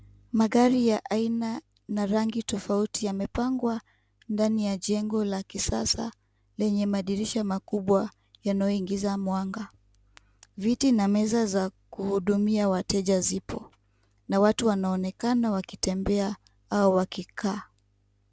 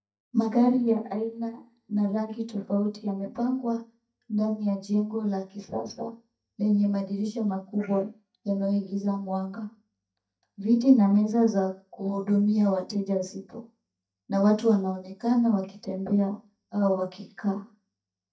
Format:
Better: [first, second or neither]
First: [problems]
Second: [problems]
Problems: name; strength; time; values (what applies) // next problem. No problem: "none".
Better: first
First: none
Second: noise reduction (neural mask model DeepFilterNet 3)